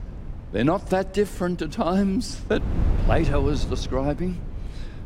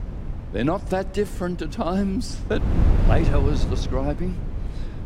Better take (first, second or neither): first